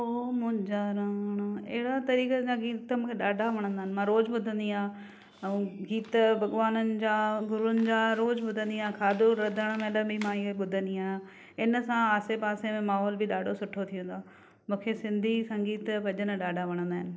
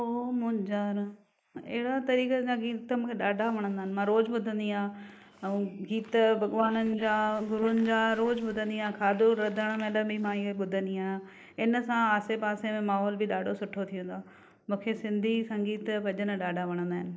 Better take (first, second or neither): first